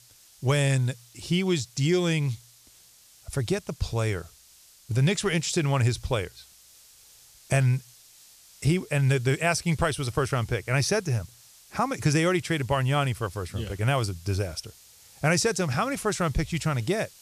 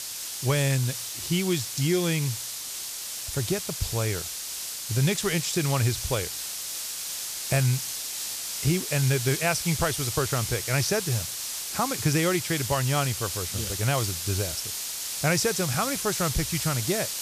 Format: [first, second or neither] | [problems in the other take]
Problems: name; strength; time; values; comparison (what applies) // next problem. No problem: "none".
first | hiss; loud; throughout; 3 dB below the speech; faint in the first